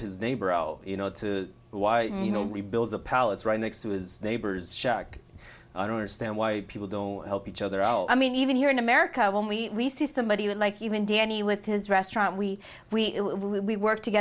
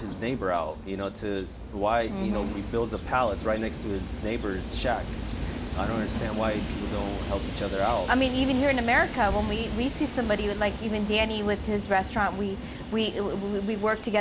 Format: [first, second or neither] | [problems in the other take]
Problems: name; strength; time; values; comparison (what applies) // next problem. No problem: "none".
first | background sound (Train); 7 dB below the speech